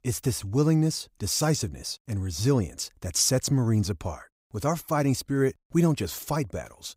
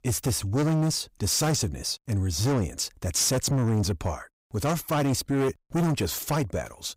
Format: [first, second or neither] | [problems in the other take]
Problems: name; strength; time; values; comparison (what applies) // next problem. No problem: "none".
first | distortion; heavy; 7 dB below the speech